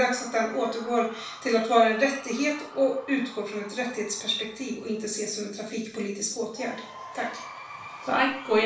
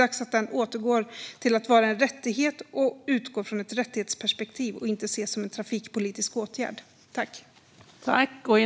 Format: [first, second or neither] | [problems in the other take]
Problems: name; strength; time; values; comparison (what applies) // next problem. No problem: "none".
second | background sound (Crowd / Cheering); 17 dB below the speech // room echo; dies away in 0.4 s